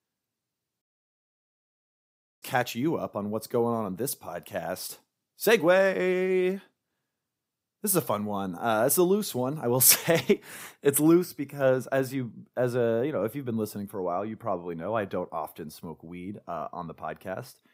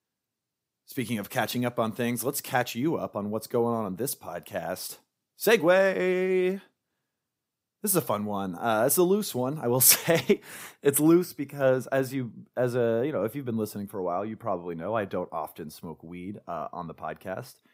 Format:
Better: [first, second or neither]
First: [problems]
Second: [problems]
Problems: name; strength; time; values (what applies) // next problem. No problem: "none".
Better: second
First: audio cutting out; at 1 s for 1.5 s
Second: none